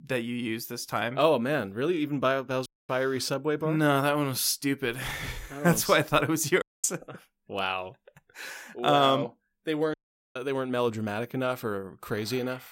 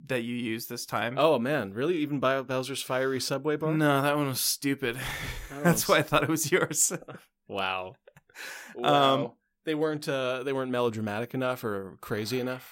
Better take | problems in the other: second | audio cutting out; at 2.5 s, at 6.5 s and at 10 s

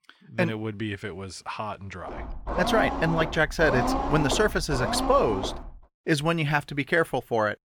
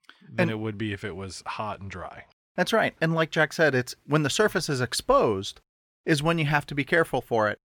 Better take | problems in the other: second | low rumble; loud; from 2 to 5.5 s; 4 dB below the speech

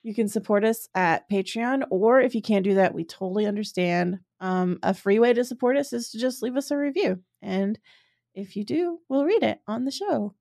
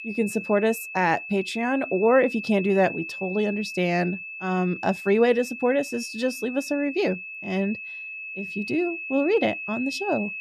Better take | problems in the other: first | high-pitched whine; loud; throughout; 2.5 kHz, 9 dB below the speech

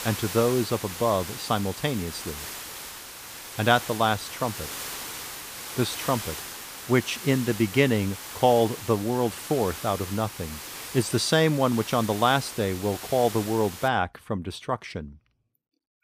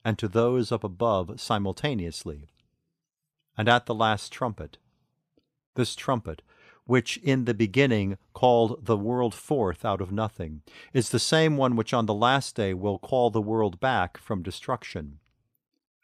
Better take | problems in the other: second | hiss; noticeable; until 14 s; 10 dB below the speech

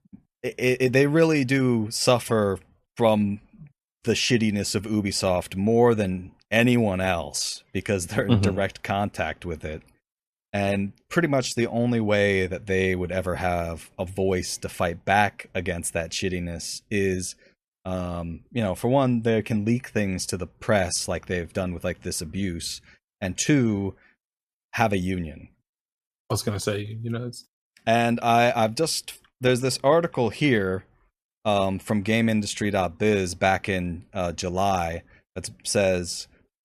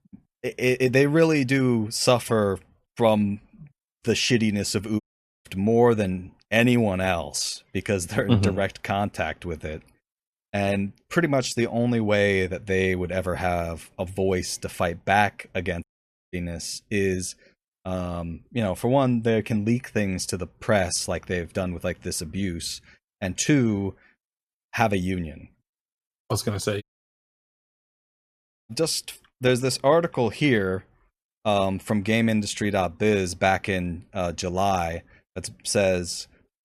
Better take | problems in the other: first | audio cutting out; at 5 s, at 16 s and at 27 s for 2 s

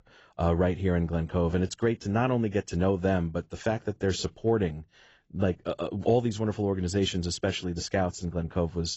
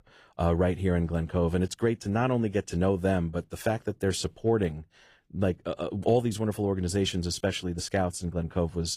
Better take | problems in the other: second | garbled, watery; badly; nothing above 8 kHz; slightly in the second

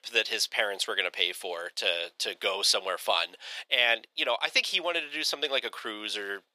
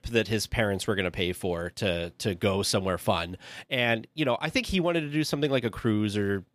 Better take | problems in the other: second | thin; very; fading below 550 Hz

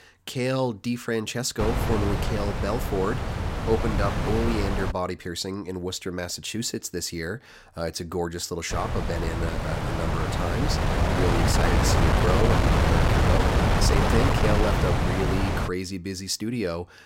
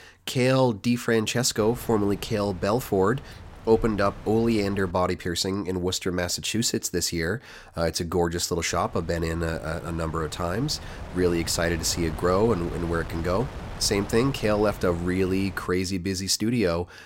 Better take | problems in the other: second | wind noise on the microphone; heavy; from 1.5 to 5 s and from 8.5 to 16 s; 2 dB above the speech; occasional gusts in the second

